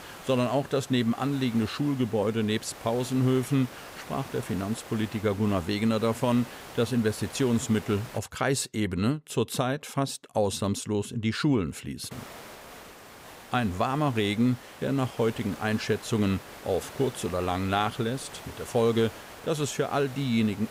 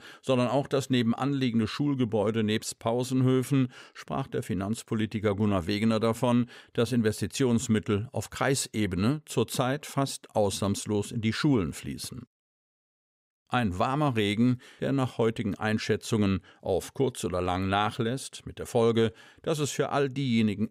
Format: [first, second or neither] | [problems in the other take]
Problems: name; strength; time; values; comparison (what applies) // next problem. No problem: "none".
second | hiss; noticeable; until 8 s and from 12 s on; 15 dB below the speech